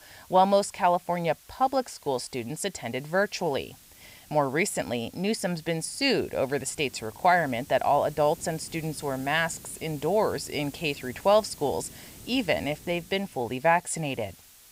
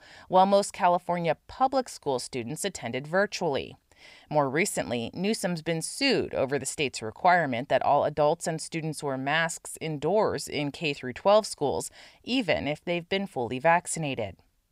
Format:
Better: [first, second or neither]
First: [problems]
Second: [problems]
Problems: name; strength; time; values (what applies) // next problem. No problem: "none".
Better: second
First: hiss; faint; throughout; 20 dB below the speech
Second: none